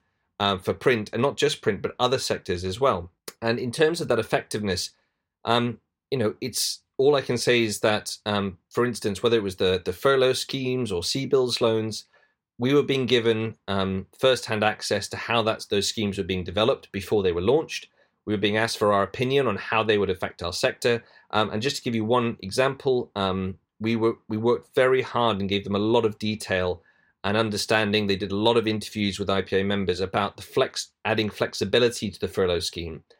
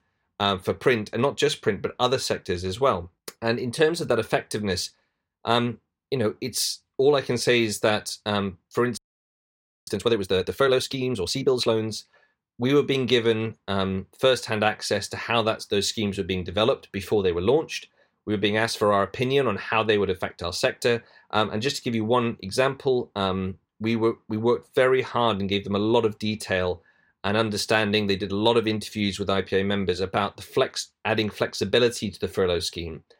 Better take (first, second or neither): first